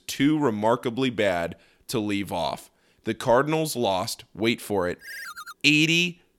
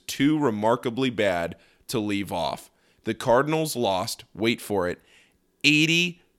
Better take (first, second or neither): second